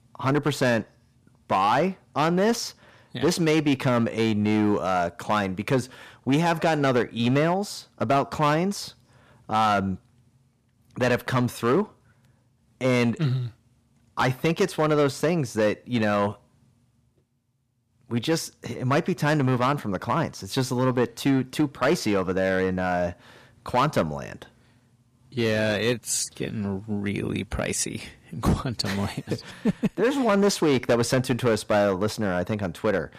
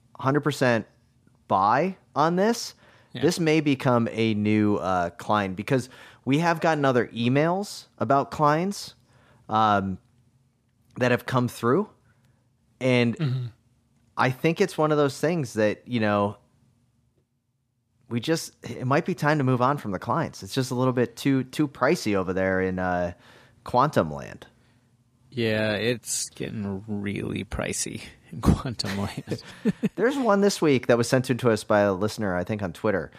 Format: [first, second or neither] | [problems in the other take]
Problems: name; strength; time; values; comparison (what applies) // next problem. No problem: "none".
second | distortion; slight; 5% of the sound clipped